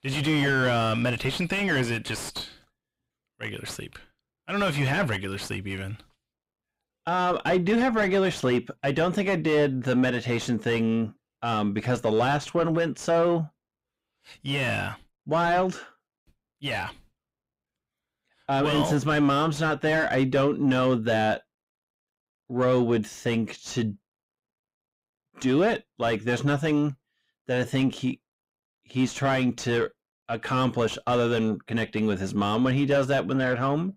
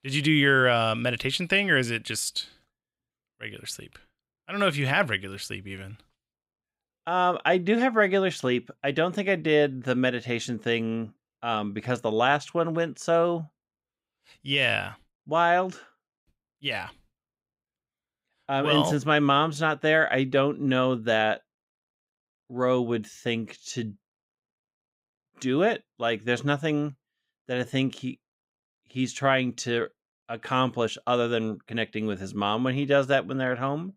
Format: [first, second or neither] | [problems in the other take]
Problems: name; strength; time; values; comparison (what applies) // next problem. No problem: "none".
second | distortion; heavy; 6 dB below the speech